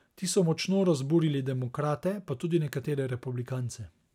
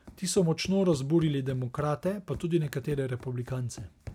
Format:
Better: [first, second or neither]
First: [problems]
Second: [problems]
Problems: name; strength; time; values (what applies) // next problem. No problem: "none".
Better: first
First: none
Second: background sound (Run); 19 dB below the speech